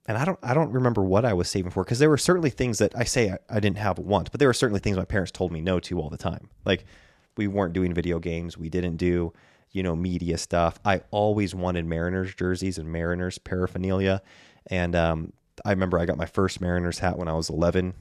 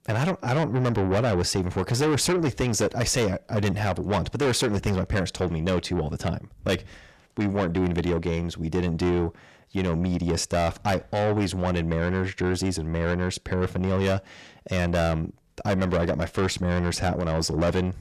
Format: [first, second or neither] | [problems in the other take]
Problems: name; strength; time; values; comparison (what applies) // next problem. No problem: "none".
first | distortion; heavy; 7 dB below the speech